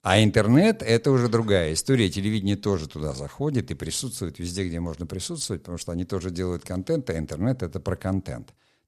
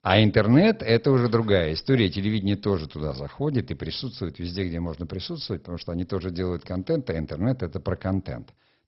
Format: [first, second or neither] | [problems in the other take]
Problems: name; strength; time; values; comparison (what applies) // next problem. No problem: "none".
first | garbled, watery; badly; nothing above 5.5 kHz